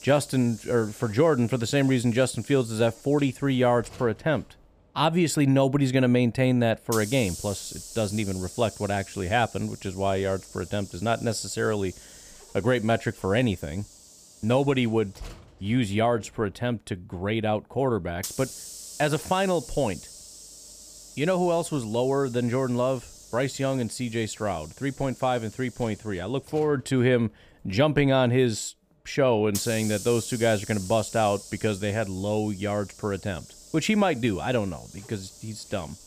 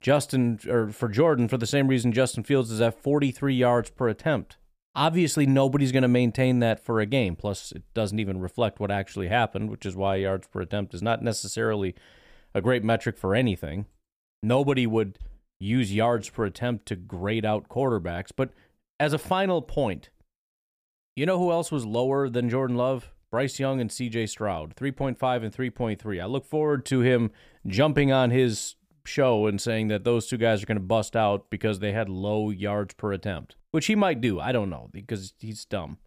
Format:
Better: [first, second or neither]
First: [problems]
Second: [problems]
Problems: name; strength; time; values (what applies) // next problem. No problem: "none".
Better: second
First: hiss; noticeable; throughout; 15 dB below the speech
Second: none